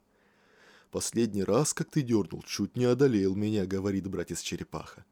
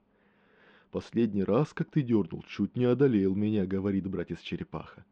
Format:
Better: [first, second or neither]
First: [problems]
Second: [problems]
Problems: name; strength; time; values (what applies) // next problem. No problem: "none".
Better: first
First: none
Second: muffled; very; fading above 3 kHz